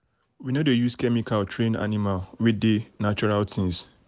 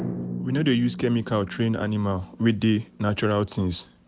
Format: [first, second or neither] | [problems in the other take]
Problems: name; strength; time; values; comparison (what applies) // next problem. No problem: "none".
first | background sound (Drum); 12 dB below the speech